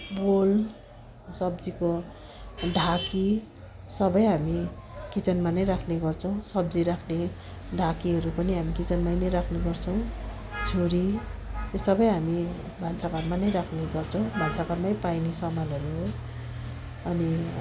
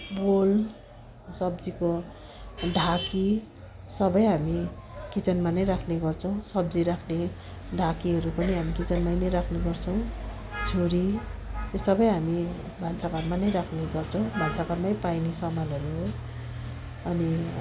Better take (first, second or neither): first